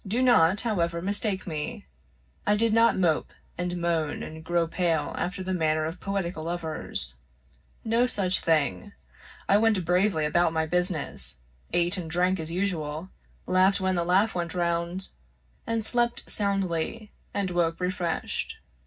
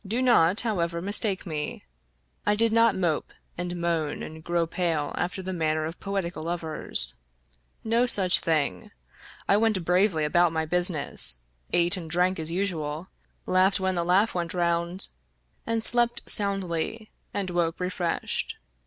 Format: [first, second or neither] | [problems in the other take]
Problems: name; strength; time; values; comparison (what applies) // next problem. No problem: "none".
second | room echo; dies away in 0.4 s